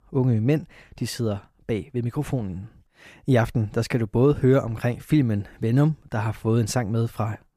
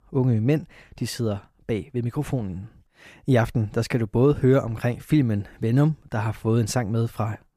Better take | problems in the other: neither | none

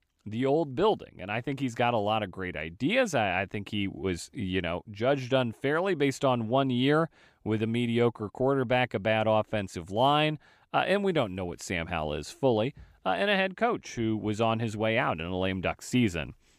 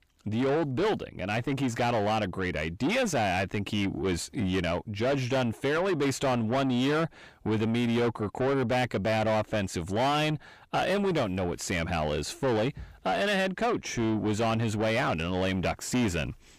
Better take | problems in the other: first | distortion; heavy; 7 dB below the speech

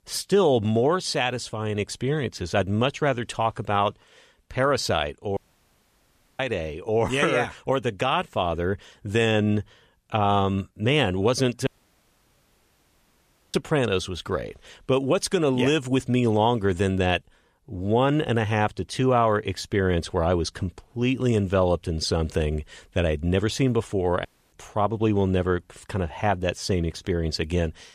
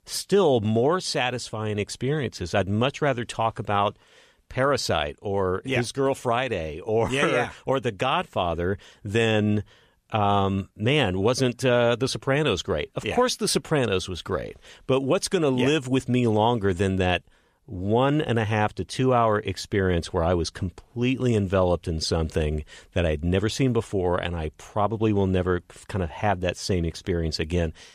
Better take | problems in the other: second | audio cutting out; at 5.5 s for 1 s, at 12 s for 2 s and at 24 s

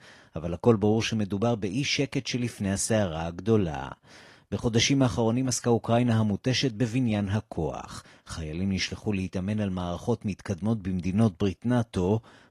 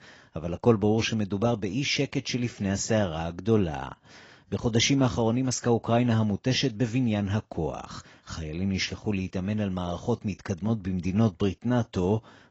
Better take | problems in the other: first | garbled, watery; badly; nothing above 7 kHz; slightly in the first

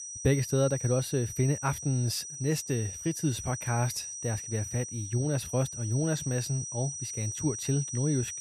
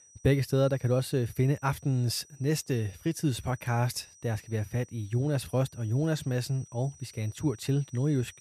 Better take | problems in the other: second | high-pitched whine; loud; throughout; 6 kHz, 6 dB below the speech; faint in the second

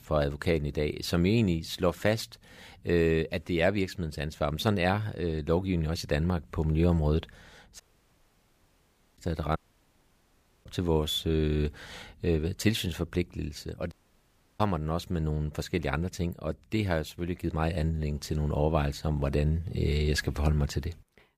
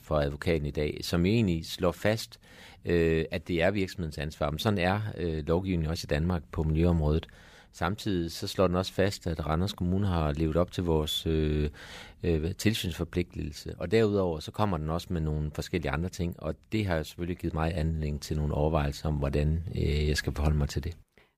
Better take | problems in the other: second | audio cutting out; at 8 s for 1.5 s, at 9.5 s for 1 s and at 14 s for 0.5 s

